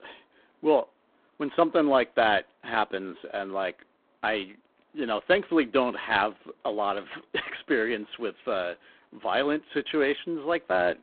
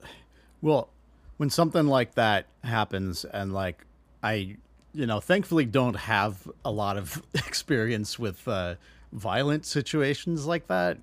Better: second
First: phone-call audio; poor line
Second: none

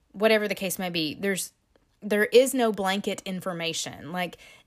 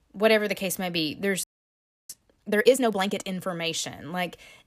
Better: first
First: none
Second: audio freezing; at 1.5 s for 0.5 s

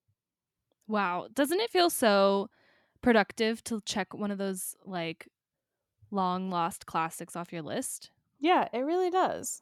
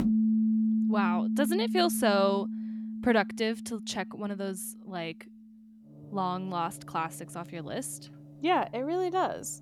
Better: first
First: none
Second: background music; very loud; throughout; as loud as the speech

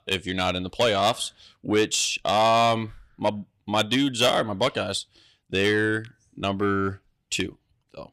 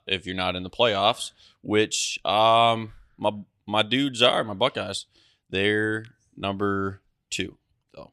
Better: second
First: distortion; slight; 10 dB below the speech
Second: none

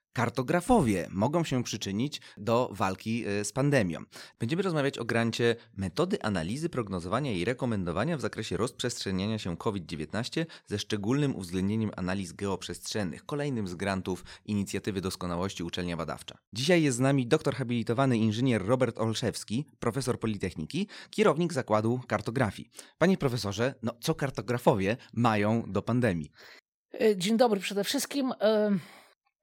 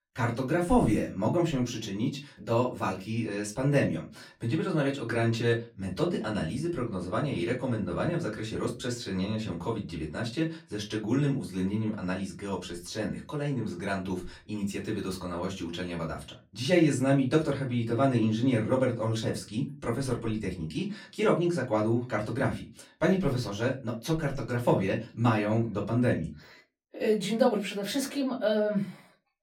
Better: first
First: none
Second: off-mic speech; far // room echo; very slight; dies away in 0.3 s

